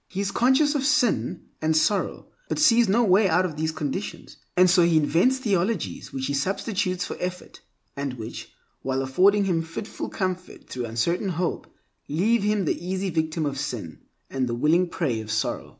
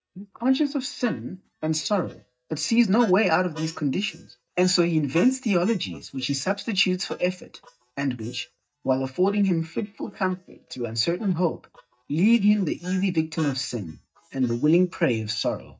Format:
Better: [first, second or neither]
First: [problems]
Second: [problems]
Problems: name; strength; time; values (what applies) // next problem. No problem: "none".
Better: first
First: none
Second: noise reduction (neural mask model DeepFilterNet 3)